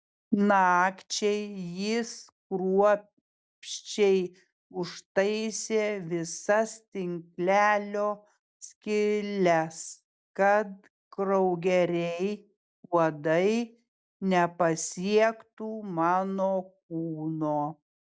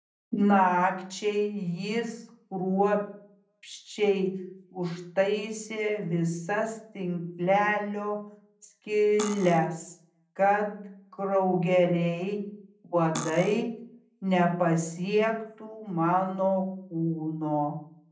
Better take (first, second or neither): first